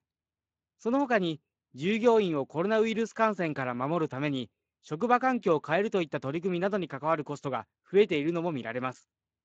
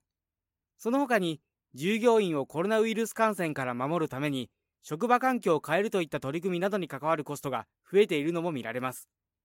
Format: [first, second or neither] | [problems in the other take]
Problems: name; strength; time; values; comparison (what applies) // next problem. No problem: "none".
second | garbled, watery; slightly